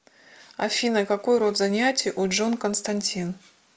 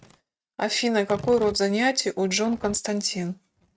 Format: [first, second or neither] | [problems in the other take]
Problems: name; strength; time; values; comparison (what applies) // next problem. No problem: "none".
first | noise reduction (neural mask model RNNoise)